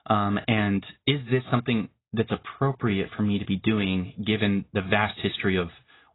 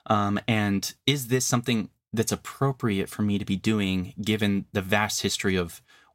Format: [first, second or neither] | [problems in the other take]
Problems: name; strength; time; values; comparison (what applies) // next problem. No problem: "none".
second | garbled, watery; badly; nothing above 4 kHz